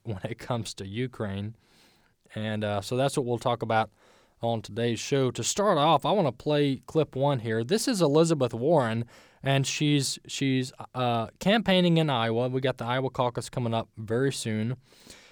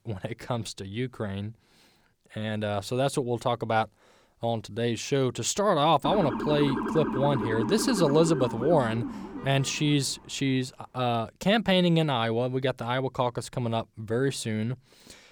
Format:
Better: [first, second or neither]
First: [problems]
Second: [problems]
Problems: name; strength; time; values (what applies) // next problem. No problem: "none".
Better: first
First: none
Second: siren; noticeable; from 6 to 10 s; peak 3 dB below the speech